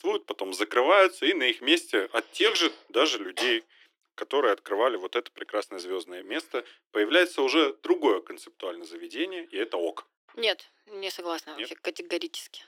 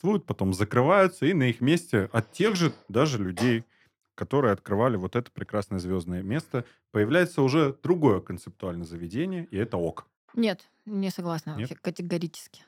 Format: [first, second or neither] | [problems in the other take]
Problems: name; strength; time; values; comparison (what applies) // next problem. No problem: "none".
second | thin; very; fading below 300 Hz